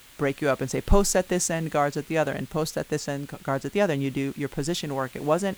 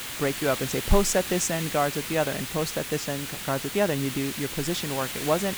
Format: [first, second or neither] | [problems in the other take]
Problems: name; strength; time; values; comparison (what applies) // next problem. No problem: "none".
first | hiss; loud; throughout; 5 dB below the speech; faint in the first